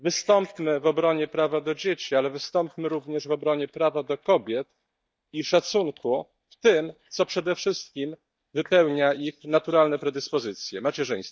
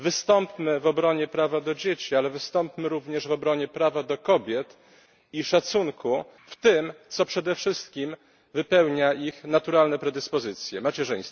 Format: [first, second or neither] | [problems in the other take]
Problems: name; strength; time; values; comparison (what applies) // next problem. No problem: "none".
second | noise reduction (neural mask model DeepFilterNet 3)